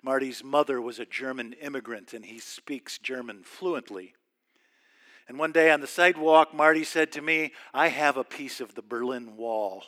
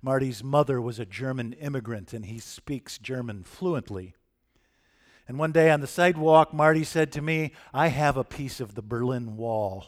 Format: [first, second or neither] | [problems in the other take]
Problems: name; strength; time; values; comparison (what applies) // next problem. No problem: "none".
second | thin; somewhat; fading below 300 Hz